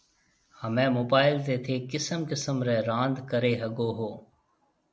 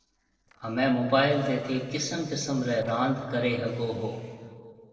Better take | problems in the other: first | noise reduction (neural separator model SepFormer DNS4)

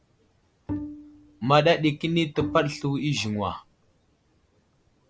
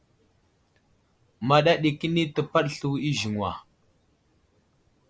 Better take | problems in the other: second | background sound (Bowed string instrument); 11 dB below the speech

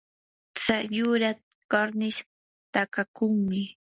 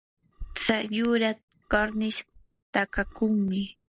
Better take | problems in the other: first | background sound (Burping, eructation); 16 dB below the speech

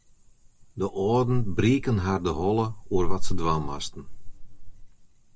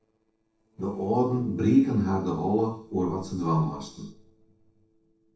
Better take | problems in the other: first | noise reduction (neural separator model SepFormer DNS4)

